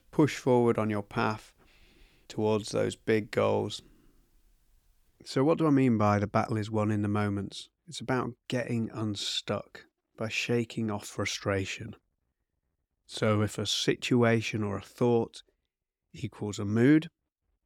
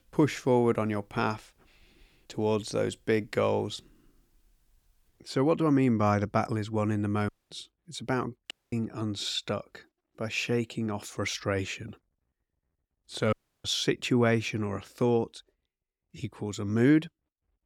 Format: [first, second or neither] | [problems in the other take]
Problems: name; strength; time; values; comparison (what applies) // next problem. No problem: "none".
first | audio cutting out; at 7.5 s, at 8.5 s and at 13 s